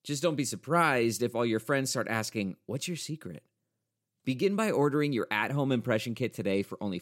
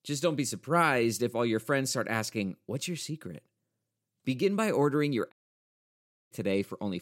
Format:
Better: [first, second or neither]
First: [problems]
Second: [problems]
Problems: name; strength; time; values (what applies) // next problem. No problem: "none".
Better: first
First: none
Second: audio cutting out; at 5.5 s for 1 s